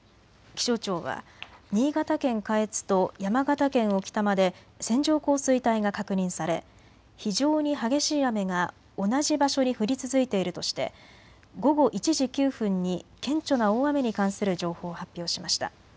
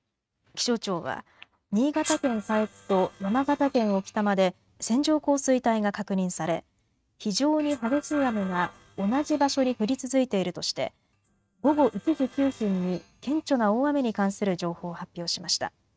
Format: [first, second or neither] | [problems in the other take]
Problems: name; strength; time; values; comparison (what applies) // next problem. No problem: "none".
first | noise reduction (neural mask model RNNoise)